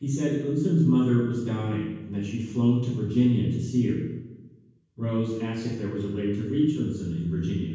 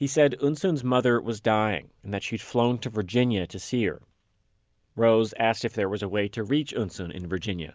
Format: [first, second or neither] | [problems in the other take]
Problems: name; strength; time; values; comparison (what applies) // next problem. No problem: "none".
second | room echo; dies away in 1.2 s